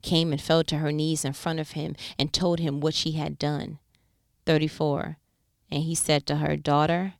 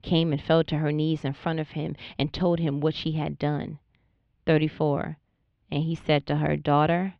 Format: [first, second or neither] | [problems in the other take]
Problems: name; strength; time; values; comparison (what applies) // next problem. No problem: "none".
first | muffled; very; fading above 3 kHz